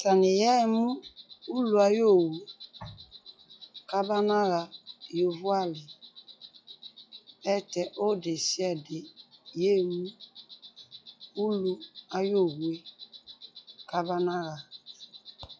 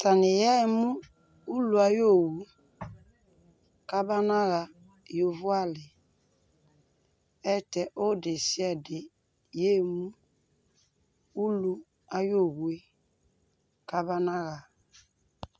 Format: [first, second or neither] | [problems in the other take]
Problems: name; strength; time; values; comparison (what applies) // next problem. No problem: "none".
second | noise reduction (classical method log-MMSE)